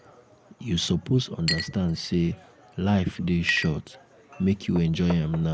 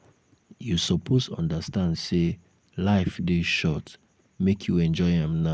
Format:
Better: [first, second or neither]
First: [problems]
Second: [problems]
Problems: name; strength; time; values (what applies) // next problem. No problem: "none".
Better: second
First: background sound (Chink, clink); 12 dB below the speech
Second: none